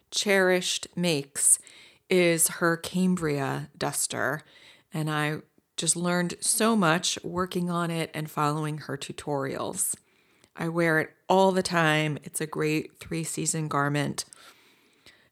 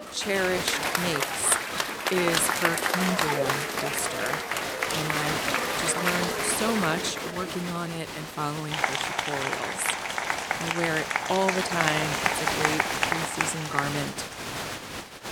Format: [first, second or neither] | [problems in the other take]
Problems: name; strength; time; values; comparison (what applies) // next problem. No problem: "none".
first | crowd noise; very loud; throughout; 2 dB above the speech